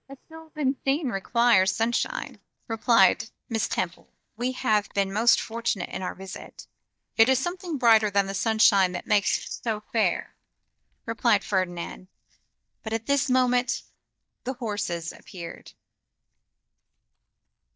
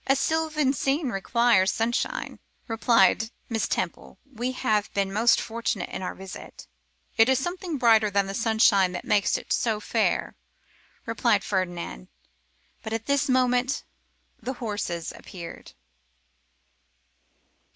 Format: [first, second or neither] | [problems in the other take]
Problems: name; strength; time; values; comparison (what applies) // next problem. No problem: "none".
second | noise reduction (neural mask model DeepFilterNet 3)